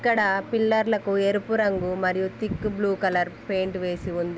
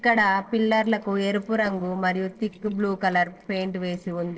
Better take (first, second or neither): first